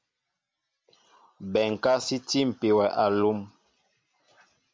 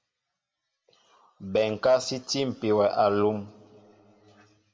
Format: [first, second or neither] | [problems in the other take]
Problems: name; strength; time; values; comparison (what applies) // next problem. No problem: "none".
first | room echo; dies away in 1.4 s